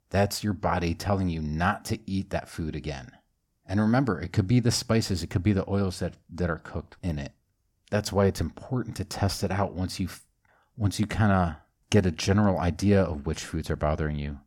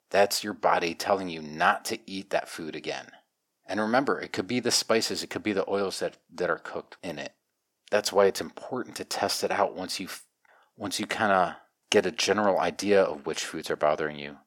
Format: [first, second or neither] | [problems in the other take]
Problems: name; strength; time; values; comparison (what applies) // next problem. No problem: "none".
first | thin; somewhat; fading below 450 Hz